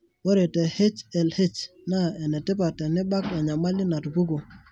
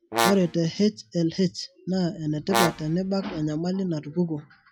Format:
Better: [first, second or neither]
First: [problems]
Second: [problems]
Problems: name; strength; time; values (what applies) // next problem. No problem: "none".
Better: first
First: none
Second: noise reduction (classical method log-MMSE)